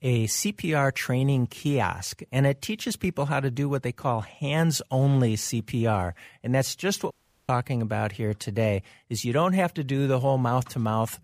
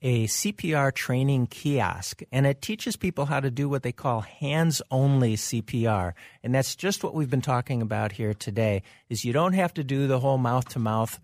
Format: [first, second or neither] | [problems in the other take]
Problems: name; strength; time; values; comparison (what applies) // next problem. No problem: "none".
second | audio cutting out; at 7 s